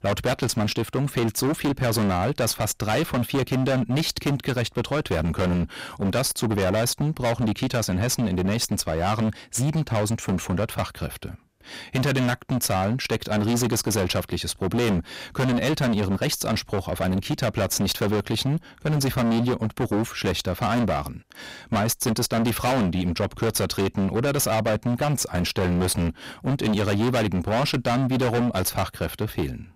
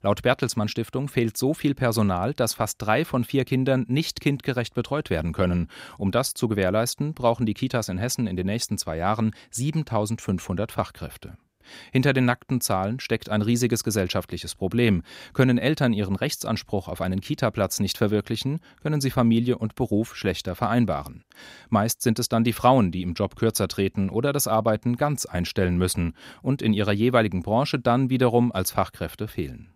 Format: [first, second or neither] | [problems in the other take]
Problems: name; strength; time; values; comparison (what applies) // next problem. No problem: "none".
second | distortion; heavy; 28% of the sound clipped